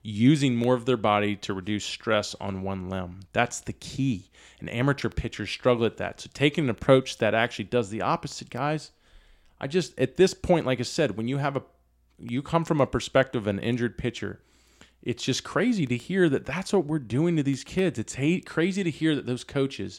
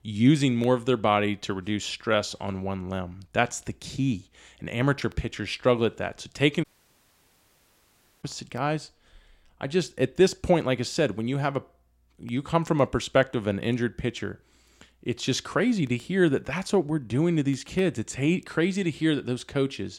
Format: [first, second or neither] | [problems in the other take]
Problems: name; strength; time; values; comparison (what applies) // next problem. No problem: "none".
first | audio cutting out; at 6.5 s for 1.5 s